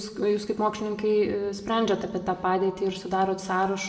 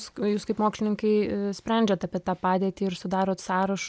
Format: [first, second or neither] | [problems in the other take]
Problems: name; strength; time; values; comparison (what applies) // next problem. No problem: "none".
second | room echo; dies away in 1 s